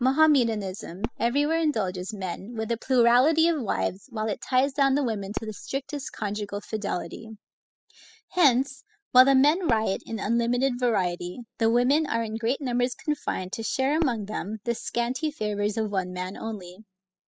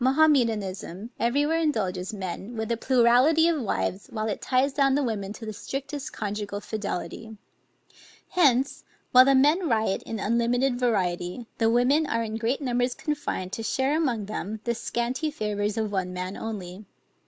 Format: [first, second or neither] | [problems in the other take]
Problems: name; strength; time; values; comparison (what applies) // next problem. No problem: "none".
second | noise reduction (classical method spectral subtraction)